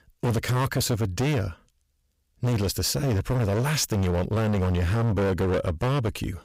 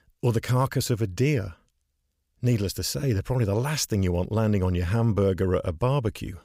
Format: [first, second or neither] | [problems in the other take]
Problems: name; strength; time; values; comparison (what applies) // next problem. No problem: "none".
second | distortion; heavy; 25% of the sound clipped